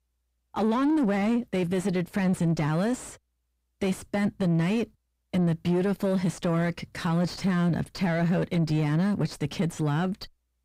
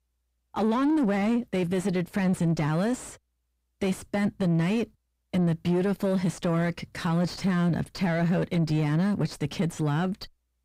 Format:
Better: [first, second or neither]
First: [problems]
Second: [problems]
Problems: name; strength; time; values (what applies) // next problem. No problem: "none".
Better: neither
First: distortion; slight; 10 dB below the speech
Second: distortion; slight; 10 dB below the speech